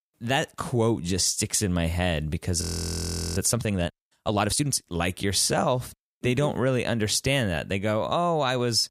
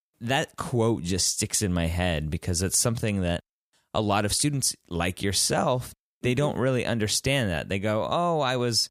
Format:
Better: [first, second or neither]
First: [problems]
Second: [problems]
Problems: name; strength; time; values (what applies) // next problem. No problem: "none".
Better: second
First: audio freezing; at 2.5 s for 0.5 s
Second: none